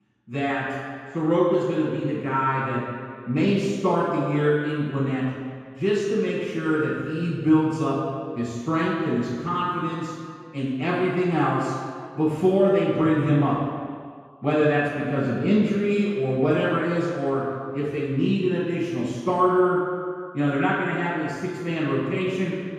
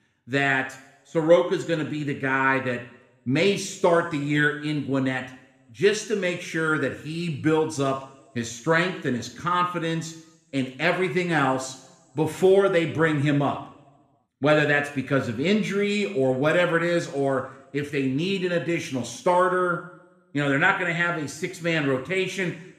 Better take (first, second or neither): second